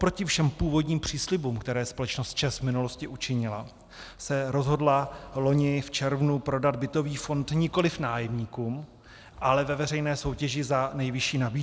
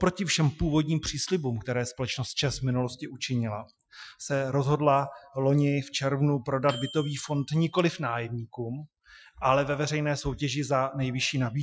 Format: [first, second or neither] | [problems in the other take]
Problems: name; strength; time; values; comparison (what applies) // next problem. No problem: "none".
first | noise reduction (classical method Wiener filter)